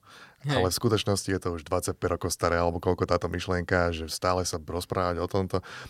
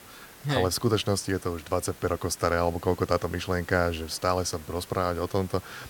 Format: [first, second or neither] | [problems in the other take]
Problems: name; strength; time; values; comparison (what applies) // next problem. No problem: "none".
first | hiss; noticeable; throughout; 20 dB below the speech